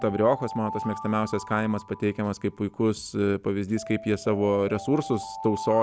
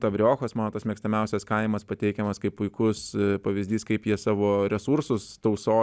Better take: second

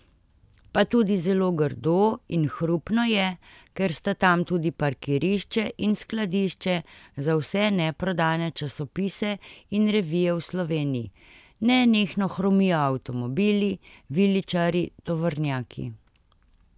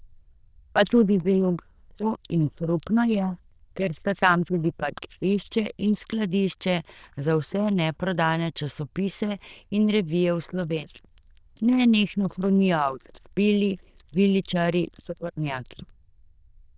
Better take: first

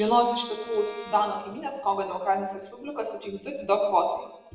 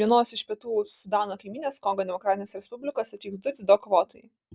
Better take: second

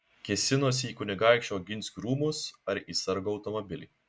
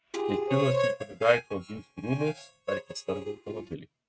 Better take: first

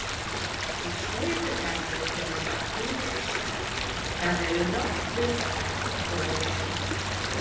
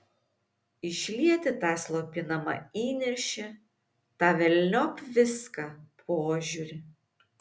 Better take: second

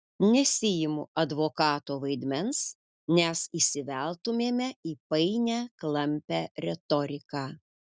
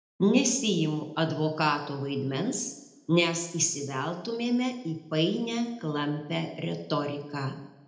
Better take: first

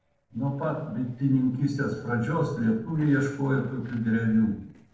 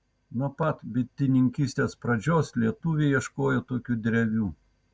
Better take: second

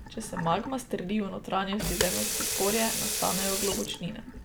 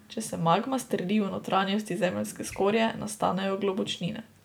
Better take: second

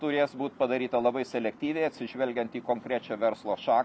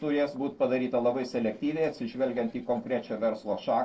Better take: first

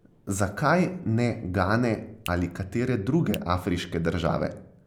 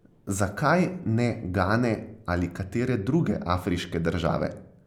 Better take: second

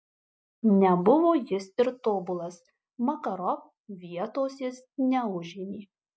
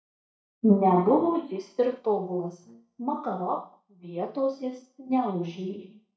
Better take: first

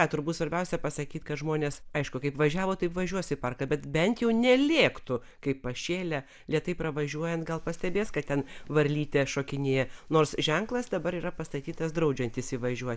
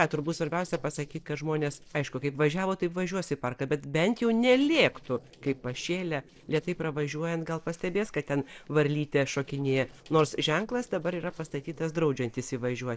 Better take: first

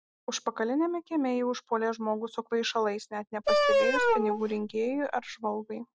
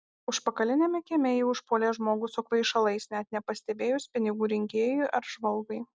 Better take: second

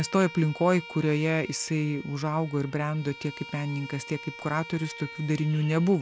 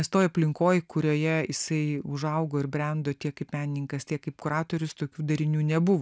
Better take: second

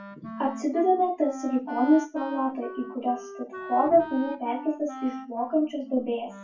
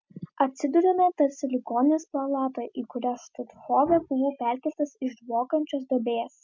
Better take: second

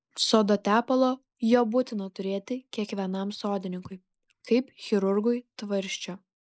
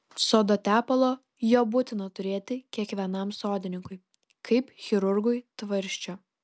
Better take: second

